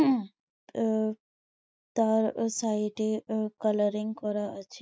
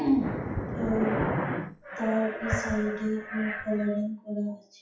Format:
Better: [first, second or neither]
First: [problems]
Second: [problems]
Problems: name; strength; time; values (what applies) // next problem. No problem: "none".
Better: first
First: none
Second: noise reduction (classical method WPE with log-MMSE)